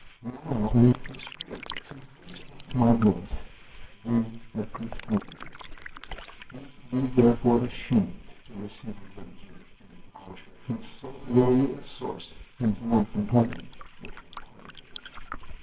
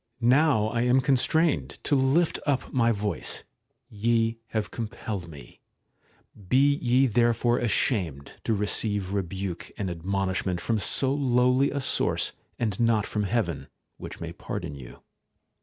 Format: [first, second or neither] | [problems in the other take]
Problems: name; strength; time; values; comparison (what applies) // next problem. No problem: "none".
second | noise reduction (neural separator model SepFormer WHAMR!)